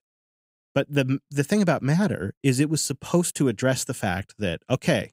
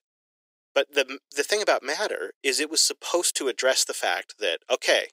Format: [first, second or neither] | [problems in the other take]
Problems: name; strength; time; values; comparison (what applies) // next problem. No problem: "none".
first | thin; very; fading below 400 Hz